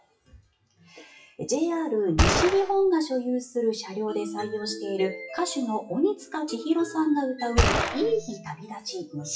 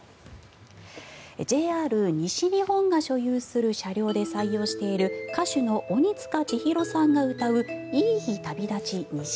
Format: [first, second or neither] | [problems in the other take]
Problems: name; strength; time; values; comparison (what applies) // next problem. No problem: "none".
second | noise reduction (classical method WPE with log-MMSE)